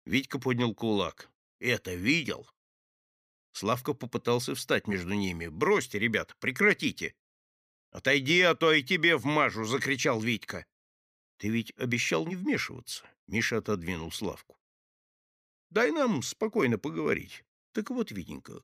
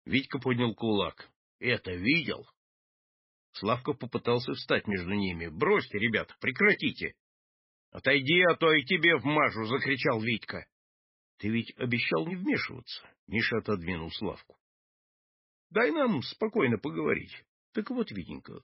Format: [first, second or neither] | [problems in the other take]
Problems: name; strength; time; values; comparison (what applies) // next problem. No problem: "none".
first | garbled, watery; badly; nothing above 5.5 kHz